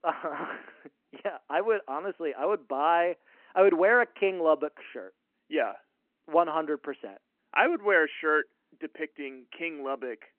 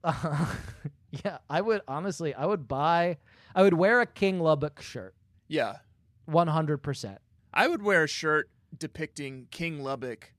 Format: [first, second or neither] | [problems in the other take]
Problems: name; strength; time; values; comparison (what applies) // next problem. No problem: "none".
second | phone-call audio